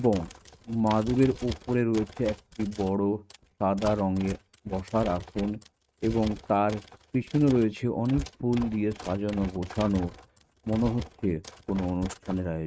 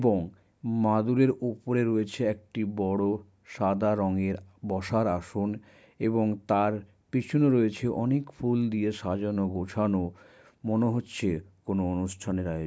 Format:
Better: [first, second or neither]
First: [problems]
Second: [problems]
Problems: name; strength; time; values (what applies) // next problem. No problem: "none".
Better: second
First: noise reduction (neural mask model RNNoise)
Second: none